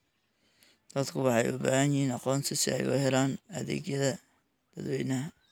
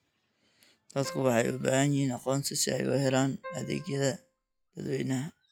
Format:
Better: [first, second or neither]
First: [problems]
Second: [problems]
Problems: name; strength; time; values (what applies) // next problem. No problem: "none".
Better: first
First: none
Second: noise reduction (classical method log-MMSE)